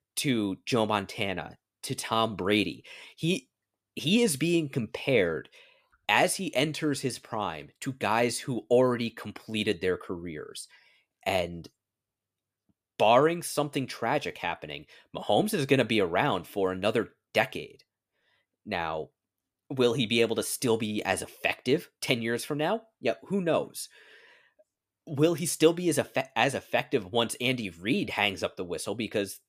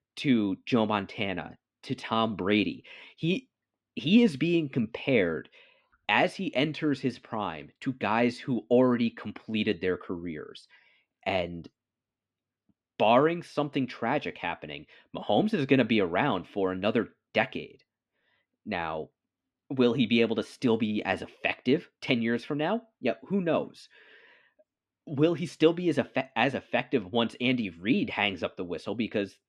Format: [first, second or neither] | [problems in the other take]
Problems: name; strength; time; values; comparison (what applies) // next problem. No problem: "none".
first | muffled; slightly; fading above 3 kHz